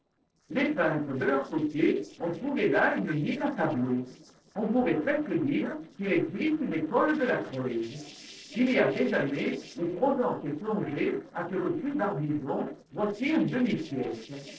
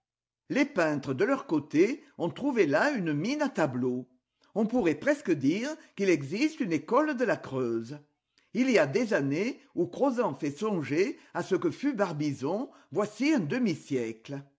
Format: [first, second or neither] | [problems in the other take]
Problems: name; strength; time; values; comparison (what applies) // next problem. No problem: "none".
second | noise reduction (neural separator model SepFormer DNS4)